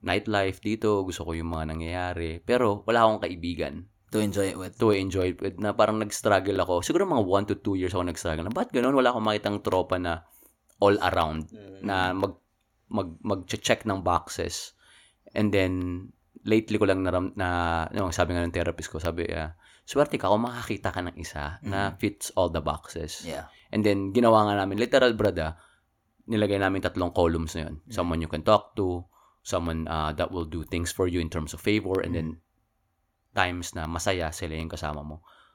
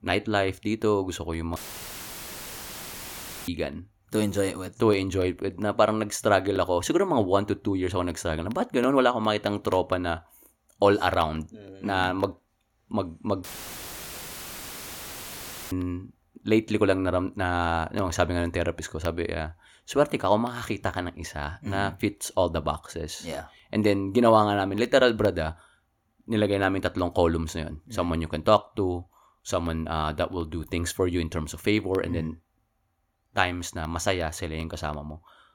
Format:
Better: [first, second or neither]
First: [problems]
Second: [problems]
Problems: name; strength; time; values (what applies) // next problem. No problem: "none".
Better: first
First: none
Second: audio cutting out; filled with static; at 1.5 s for 2 s and at 13 s for 2.5 s